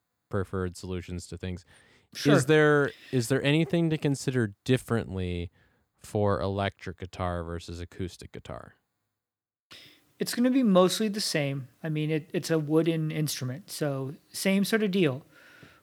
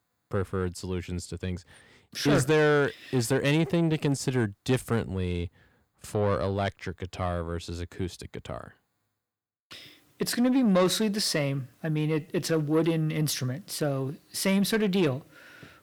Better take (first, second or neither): first